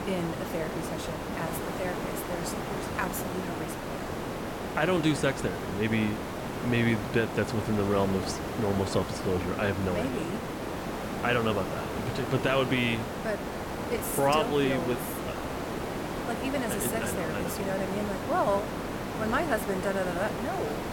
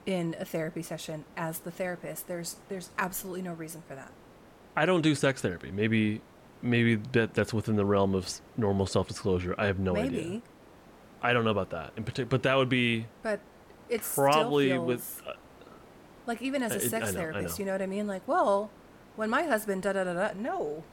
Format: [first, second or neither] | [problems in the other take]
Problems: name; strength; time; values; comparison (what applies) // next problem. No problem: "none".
second | hiss; loud; throughout; 4 dB below the speech; faint in the second